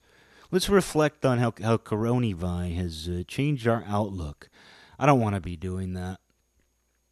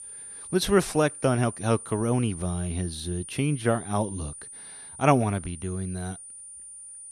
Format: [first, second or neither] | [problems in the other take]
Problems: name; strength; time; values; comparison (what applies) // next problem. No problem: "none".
first | high-pitched whine; noticeable; throughout; 9.5 kHz, 10 dB below the speech